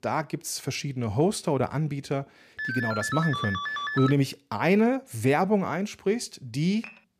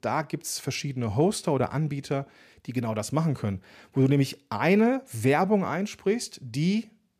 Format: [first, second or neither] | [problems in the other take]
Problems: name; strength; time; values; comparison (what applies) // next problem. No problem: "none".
second | phone ringing; noticeable; from 2.5 to 4 s; peak 3 dB below the speech // clattering dishes; faint; at 7 s; peak 20 dB below the speech